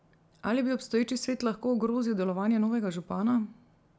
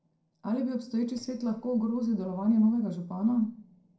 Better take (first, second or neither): first